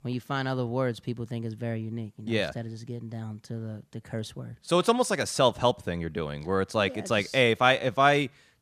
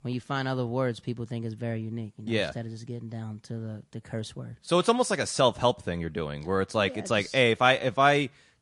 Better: first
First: none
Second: garbled, watery; slightly; nothing above 10 kHz

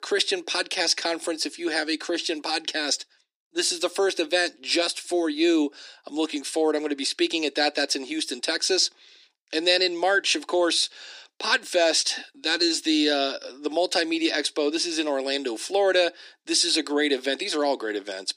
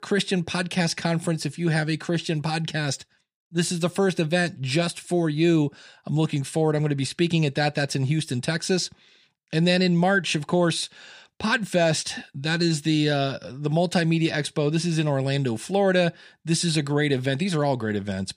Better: second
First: thin; somewhat; fading below 300 Hz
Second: none

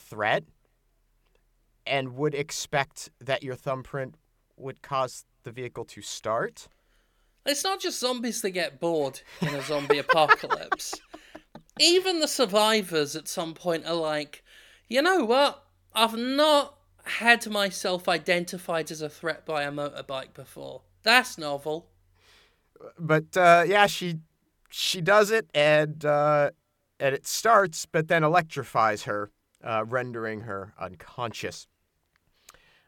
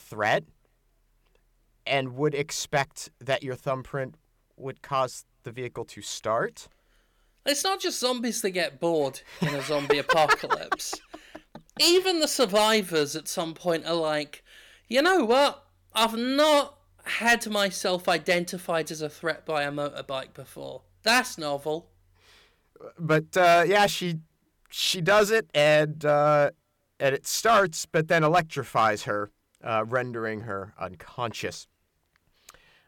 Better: first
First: none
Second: distortion; slight; 1.5% of the sound clipped

